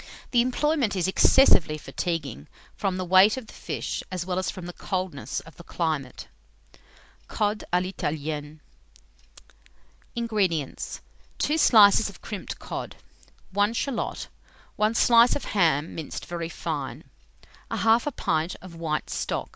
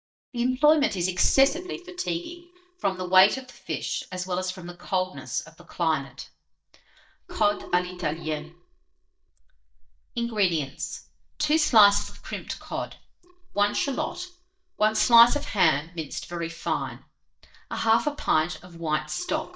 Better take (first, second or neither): first